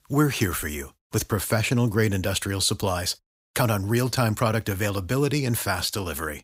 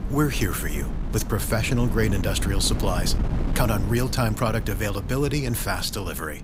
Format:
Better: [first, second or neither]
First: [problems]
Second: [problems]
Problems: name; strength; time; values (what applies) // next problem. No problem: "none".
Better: first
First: none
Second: wind noise on the microphone; occasional gusts; 10 dB below the speech